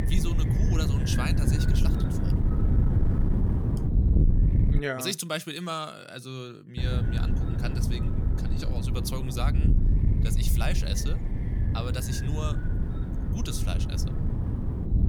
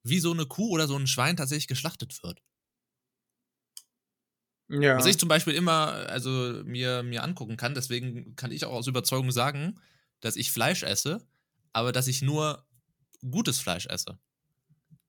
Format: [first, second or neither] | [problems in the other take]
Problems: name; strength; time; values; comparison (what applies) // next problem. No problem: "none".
second | wind noise on the microphone; heavy; until 5 s and from 7 s on; 3 dB below the speech